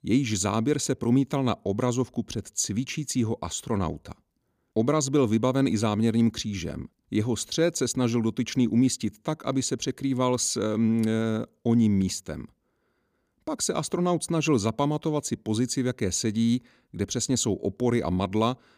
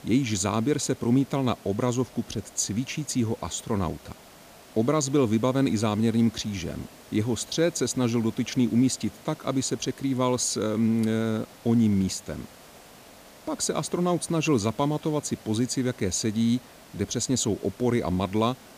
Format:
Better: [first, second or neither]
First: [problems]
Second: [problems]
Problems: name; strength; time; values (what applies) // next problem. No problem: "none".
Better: first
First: none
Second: hiss; faint; throughout; 20 dB below the speech